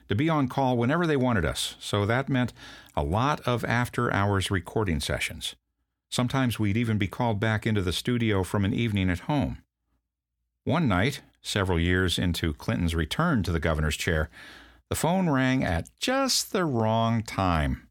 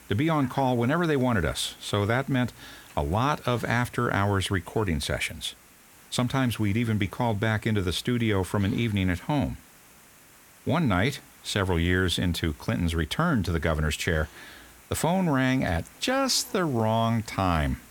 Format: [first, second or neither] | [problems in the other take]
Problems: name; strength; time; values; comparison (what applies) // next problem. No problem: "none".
first | hiss; faint; throughout; 25 dB below the speech